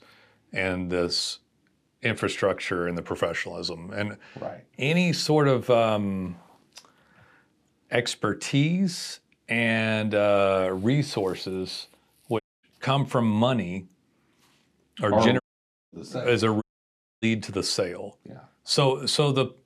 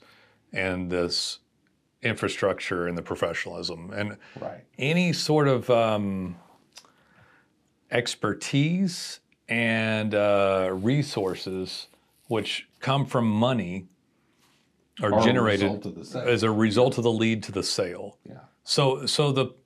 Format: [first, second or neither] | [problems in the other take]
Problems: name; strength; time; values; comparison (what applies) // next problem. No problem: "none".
second | audio cutting out; at 12 s, at 15 s for 0.5 s and at 17 s for 0.5 s